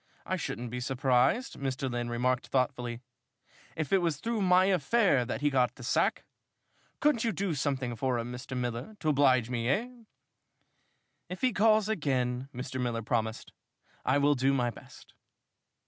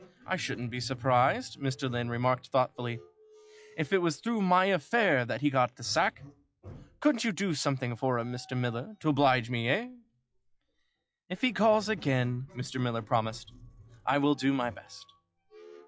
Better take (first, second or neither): first